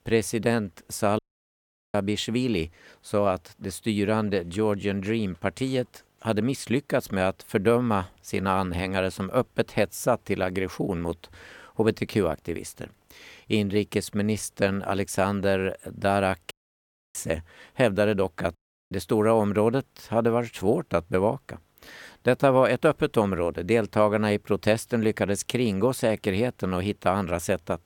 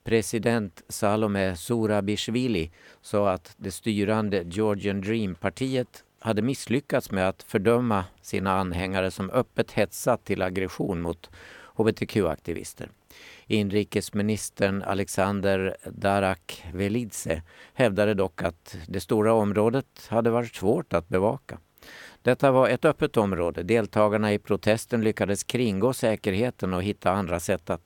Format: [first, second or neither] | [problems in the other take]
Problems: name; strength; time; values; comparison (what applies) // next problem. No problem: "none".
second | audio cutting out; at 1 s for 1 s, at 17 s for 0.5 s and at 19 s